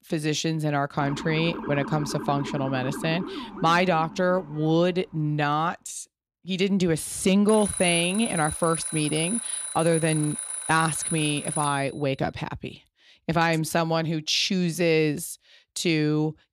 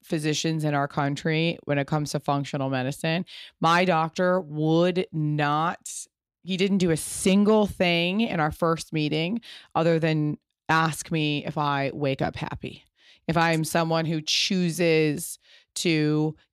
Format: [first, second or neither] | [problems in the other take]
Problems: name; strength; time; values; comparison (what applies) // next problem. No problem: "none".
second | siren; noticeable; from 1 to 5 s; peak 9 dB below the speech // alarm; noticeable; from 7.5 to 12 s; peak 2 dB below the speech